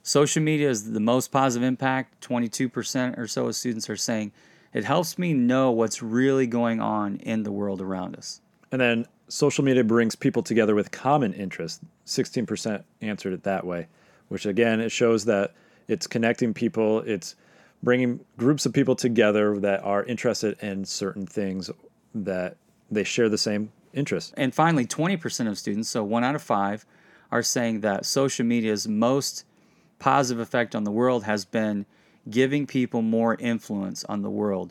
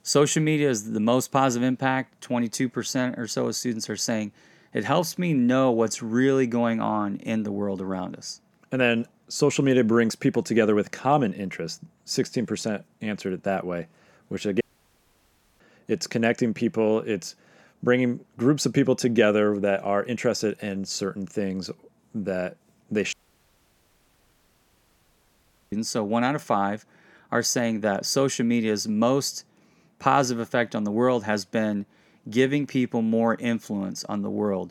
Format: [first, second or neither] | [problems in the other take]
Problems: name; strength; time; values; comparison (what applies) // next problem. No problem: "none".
first | audio cutting out; at 15 s for 1 s and at 23 s for 2.5 s